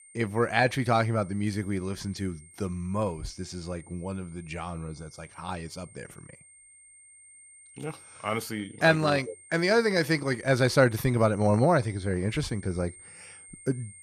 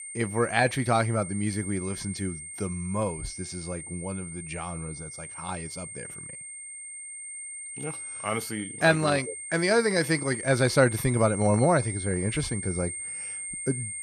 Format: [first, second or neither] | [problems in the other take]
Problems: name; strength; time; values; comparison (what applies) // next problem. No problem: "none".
first | high-pitched whine; loud; throughout; 8.5 kHz, 8 dB below the speech; faint in the first